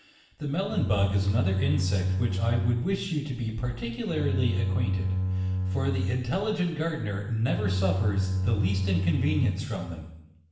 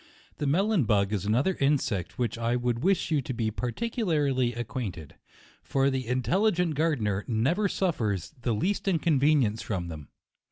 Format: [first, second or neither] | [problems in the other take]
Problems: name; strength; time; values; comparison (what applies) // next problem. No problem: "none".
second | background sound (Bowed string instrument); as loud as the speech // room echo; dies away in 0.8 s